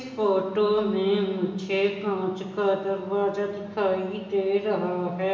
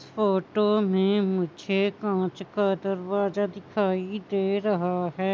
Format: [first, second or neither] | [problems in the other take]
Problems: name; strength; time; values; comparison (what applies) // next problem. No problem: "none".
second | room echo; dies away in 1.1 s